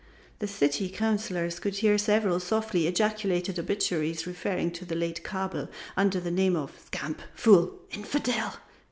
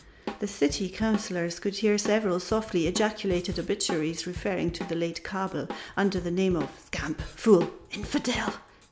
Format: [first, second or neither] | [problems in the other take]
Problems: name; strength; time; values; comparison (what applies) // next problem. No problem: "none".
first | background sound (Drum kit); 13 dB below the speech